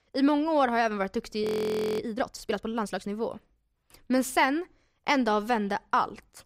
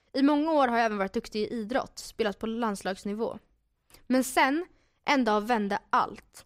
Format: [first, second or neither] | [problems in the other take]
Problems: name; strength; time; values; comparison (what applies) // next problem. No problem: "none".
second | audio freezing; at 1.5 s for 0.5 s